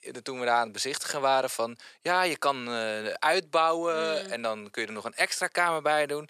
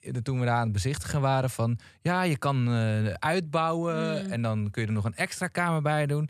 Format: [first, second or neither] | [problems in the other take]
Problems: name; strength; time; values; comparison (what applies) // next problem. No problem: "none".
second | thin; very; fading below 400 Hz